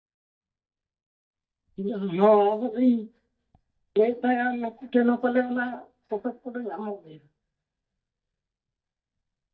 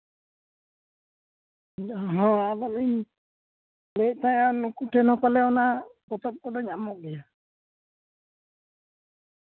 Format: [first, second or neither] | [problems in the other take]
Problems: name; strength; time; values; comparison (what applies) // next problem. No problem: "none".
second | noise reduction (neural mask model DeepFilterNet 3)